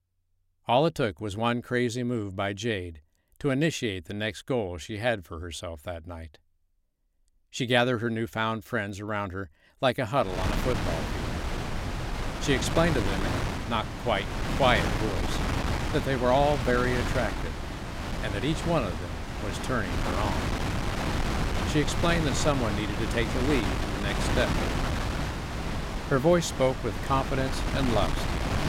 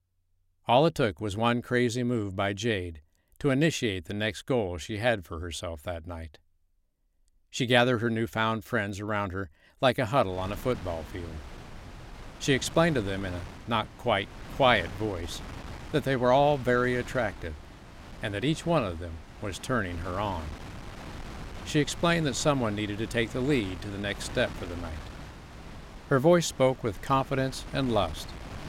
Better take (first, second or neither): second